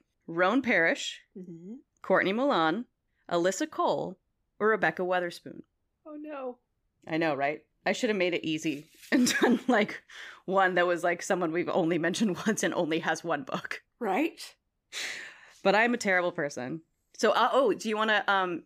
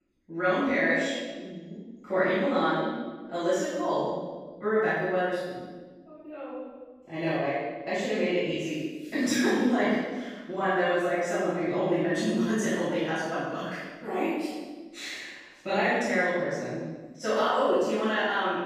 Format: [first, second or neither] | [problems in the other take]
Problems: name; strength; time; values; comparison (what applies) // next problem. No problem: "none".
first | off-mic speech; far // room echo; strong; dies away in 1.2 s